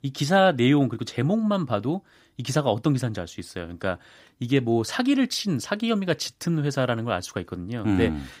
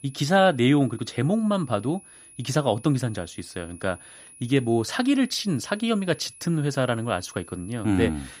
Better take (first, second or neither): first